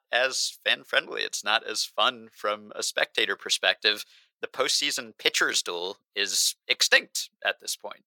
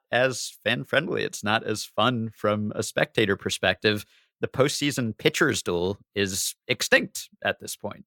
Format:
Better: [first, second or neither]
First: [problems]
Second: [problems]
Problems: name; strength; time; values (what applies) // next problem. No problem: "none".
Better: second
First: thin; very; fading below 600 Hz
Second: none